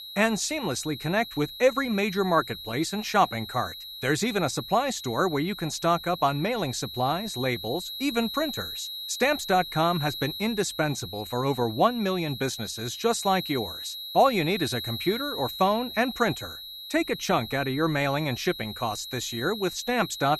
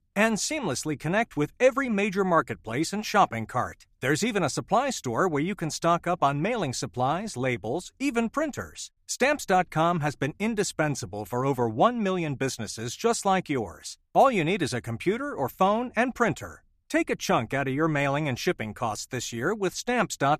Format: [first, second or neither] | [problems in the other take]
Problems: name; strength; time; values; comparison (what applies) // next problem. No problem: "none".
second | high-pitched whine; loud; throughout; 4 kHz, 9 dB below the speech